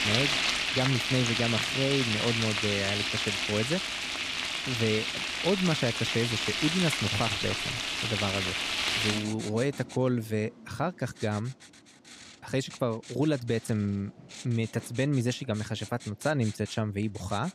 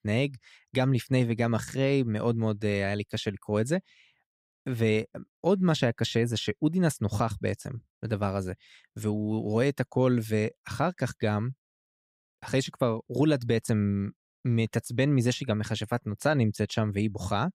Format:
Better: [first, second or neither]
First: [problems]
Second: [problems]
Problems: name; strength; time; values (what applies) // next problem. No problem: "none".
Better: second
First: household noises; very loud; throughout; 2 dB above the speech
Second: none